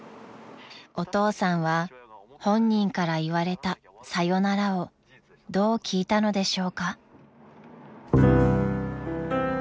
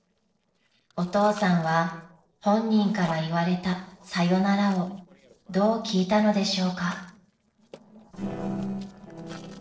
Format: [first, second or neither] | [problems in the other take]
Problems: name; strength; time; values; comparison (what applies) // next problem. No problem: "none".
first | noise reduction (neural separator model SepFormer DNS4)